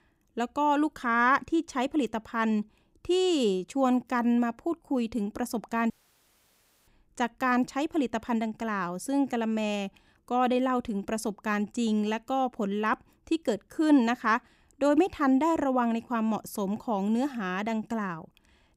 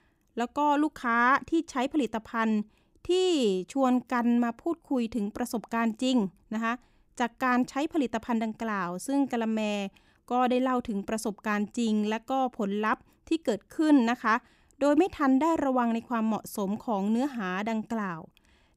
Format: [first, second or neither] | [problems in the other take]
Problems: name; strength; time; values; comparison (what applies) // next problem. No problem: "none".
second | audio cutting out; at 6 s for 1 s